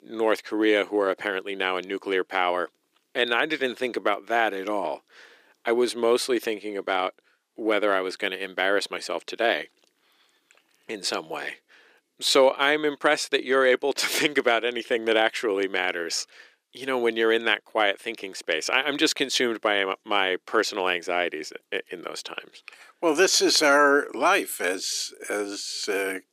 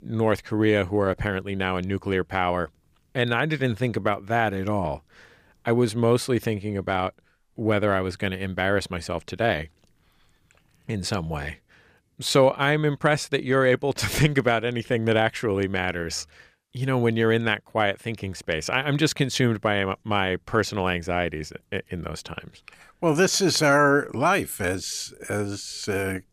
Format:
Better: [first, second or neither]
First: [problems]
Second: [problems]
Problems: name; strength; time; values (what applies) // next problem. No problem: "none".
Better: second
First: thin; somewhat; fading below 300 Hz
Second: none